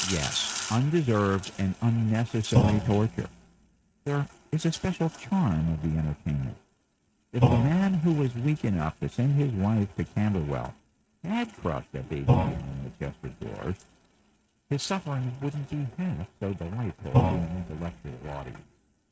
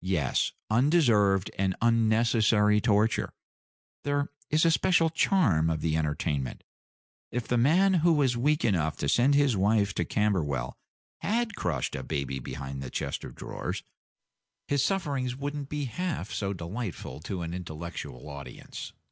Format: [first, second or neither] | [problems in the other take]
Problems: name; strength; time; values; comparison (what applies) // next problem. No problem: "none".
second | noise reduction (neural mask model RNNoise)